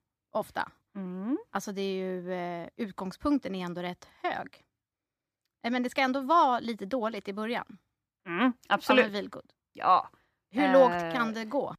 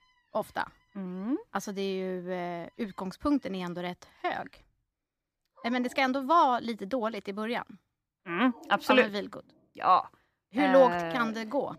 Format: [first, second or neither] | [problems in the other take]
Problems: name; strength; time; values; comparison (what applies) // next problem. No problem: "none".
first | animal sounds; faint; throughout; 25 dB below the speech